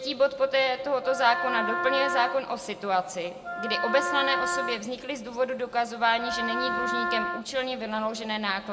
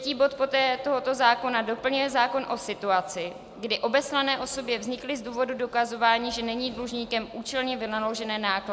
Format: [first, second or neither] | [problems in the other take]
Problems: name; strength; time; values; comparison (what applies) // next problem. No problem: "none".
second | background sound (Wind instrument, woodwind instrument); 3 dB below the speech // room echo; dies away in 1.2 s